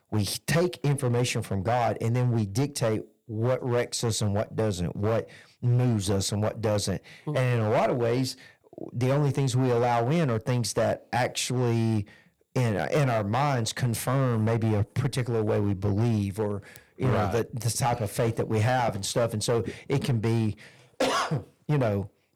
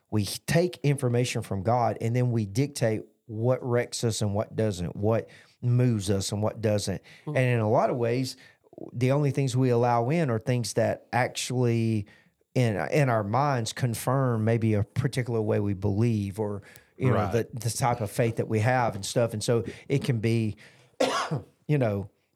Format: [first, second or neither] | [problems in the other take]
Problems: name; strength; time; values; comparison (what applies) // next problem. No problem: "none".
second | distortion; slight; 9% of the sound clipped